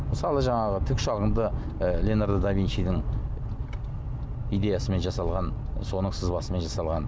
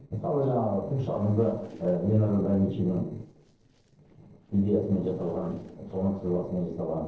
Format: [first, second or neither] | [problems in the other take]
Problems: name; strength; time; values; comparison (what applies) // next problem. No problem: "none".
first | noise reduction (neural separator model SepFormer DNS4)